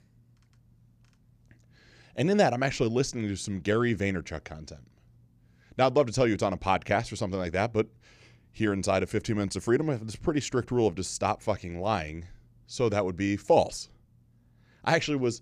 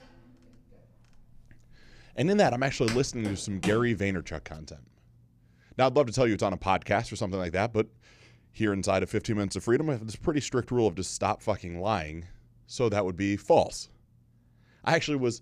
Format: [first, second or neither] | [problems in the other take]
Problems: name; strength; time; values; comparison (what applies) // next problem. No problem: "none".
first | footsteps; noticeable; from 1.5 to 4.5 s; peak 7 dB below the speech